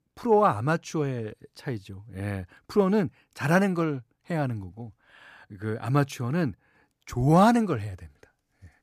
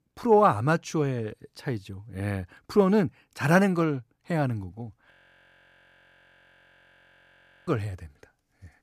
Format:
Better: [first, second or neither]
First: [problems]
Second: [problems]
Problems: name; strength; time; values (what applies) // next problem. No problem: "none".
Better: first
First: none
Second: audio freezing; at 5 s for 2.5 s